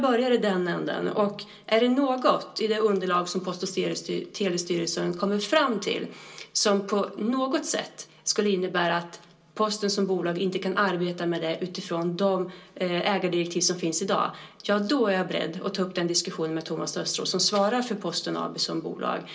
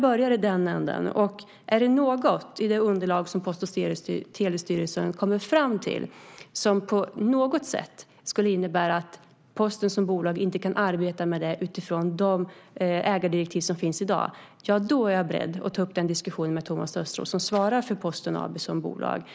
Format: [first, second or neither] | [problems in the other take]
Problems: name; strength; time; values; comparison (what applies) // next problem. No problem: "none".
second | room echo; dies away in 0.2 s